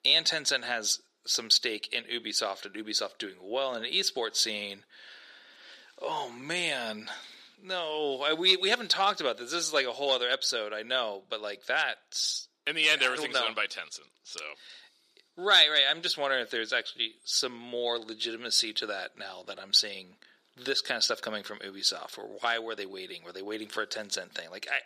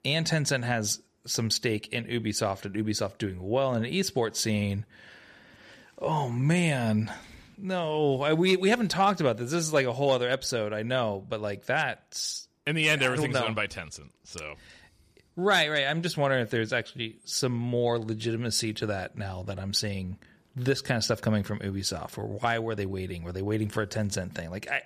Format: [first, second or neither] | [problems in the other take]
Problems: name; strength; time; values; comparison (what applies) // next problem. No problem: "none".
second | thin; very; fading below 350 Hz